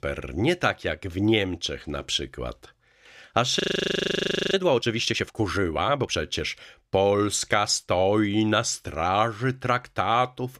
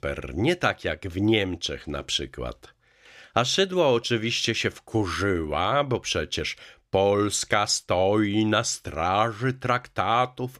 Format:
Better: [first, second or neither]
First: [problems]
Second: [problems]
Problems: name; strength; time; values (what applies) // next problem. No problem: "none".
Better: second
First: audio freezing; at 3.5 s for 1 s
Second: none